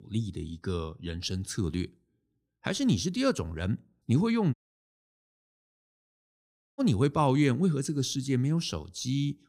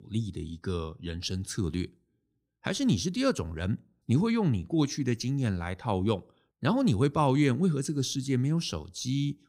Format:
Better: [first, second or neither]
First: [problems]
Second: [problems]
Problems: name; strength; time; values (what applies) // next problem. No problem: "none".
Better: second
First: audio cutting out; at 4.5 s for 2 s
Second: none